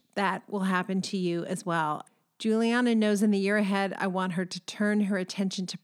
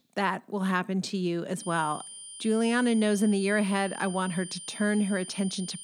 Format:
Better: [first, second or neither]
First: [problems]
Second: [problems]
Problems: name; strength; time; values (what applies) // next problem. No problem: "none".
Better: first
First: none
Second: high-pitched whine; noticeable; from 1.5 s on; 9 kHz, 10 dB below the speech